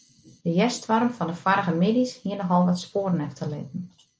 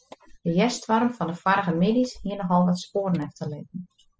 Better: first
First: none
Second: noise reduction (classical method spectral subtraction)

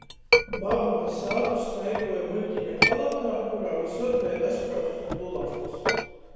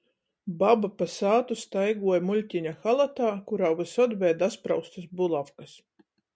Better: second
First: background sound (Chink, clink); 2 dB below the speech // room echo; dies away in 1.9 s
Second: none

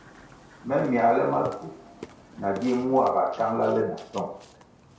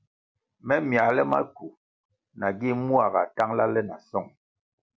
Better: second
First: background sound (Burping, eructation); 20 dB below the speech // room echo; dies away in 0.6 s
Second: none

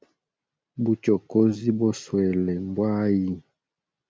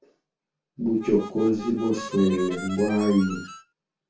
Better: first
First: none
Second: background sound (Harmonica); 13 dB below the speech // room echo; dies away in 0.3 s

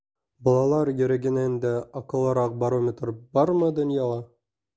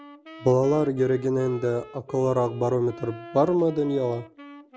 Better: first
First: none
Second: background sound (Wind instrument, woodwind instrument); 18 dB below the speech

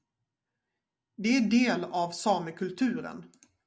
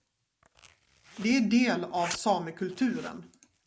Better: first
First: none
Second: background sound (Zipper (clothing)); 17 dB below the speech

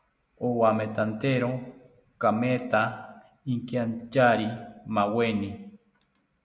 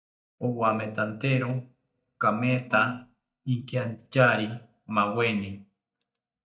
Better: first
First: none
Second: noise reduction (neural mask model DeepFilterNet 3)

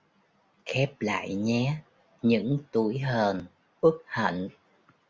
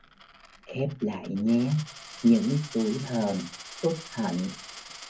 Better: first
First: none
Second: background sound (Coin (dropping)); 16 dB below the speech // room echo; dies away in 0.3 s

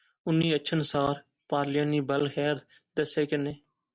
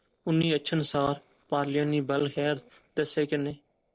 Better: first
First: none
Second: noise reduction (neural separator model SepFormer DNS4)

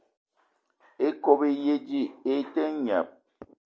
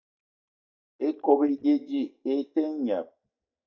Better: first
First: none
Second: noise reduction (neural mask model DeepFilterNet 3)

